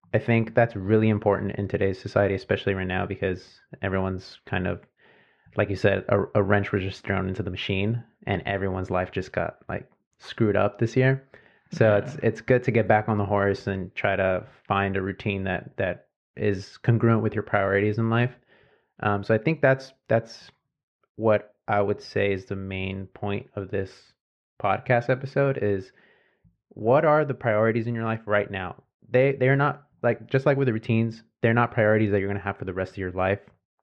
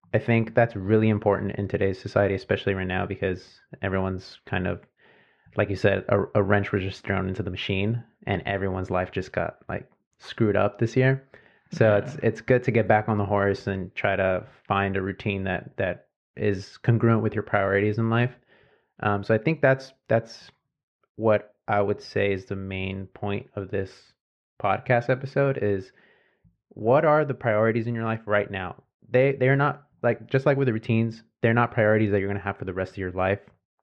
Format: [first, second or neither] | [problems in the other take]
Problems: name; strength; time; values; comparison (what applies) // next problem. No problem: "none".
neither | muffled; very; fading above 1.5 kHz; the same in both